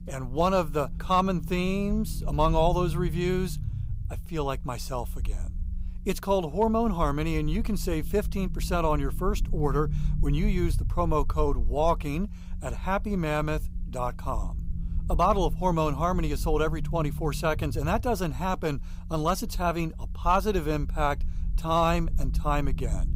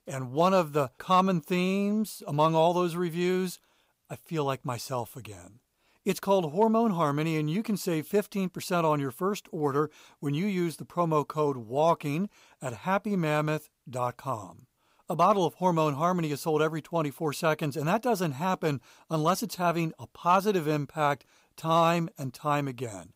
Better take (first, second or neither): second